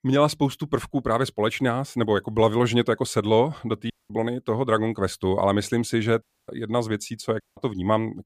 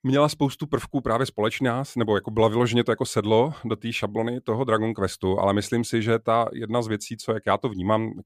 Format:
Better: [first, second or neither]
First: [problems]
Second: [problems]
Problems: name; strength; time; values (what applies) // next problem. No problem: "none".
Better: second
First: audio cutting out; at 4 s, at 6 s and at 7.5 s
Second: none